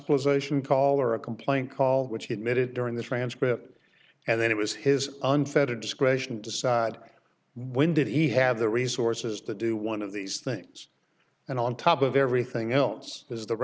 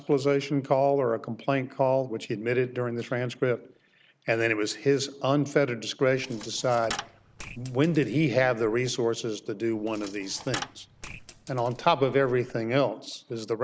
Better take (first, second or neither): first